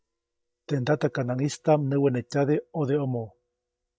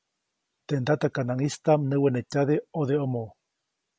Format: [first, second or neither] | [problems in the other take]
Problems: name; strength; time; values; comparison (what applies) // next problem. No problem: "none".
second | noise reduction (neural mask model DeepFilterNet 3)